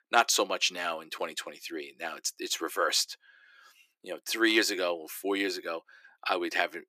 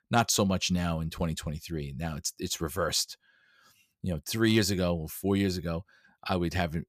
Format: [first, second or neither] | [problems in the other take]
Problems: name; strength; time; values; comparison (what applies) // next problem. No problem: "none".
second | thin; very; fading below 300 Hz